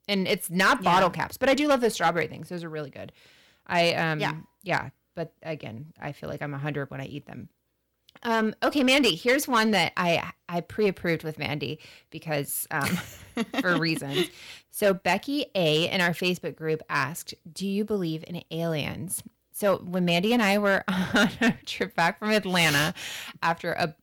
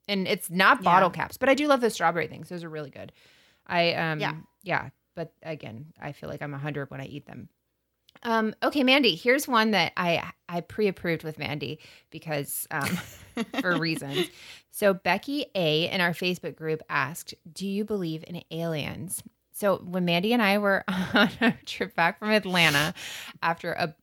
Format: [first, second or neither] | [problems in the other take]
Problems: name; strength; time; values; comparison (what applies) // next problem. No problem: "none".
second | distortion; slight; 3% of the sound clipped